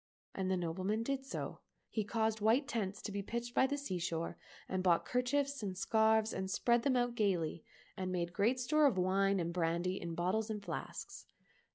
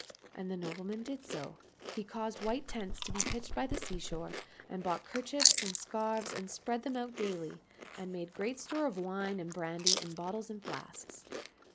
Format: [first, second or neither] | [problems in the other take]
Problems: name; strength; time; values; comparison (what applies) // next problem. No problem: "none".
first | noise reduction (neural mask model Resemble Enhance denoiser)